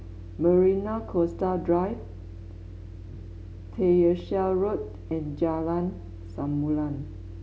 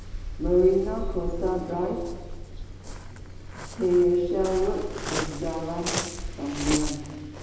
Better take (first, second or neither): first